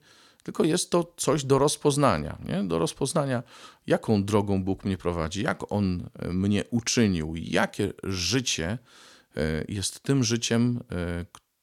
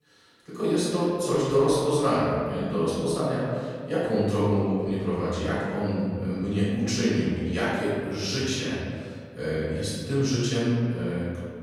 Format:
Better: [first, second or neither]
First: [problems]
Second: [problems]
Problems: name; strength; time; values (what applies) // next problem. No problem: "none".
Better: first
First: none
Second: off-mic speech; far // room echo; strong; dies away in 1.8 s